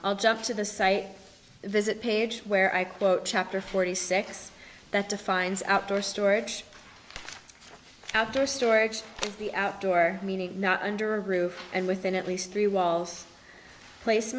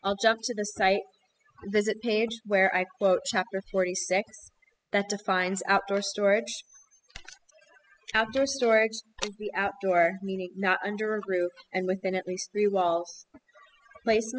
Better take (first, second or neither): first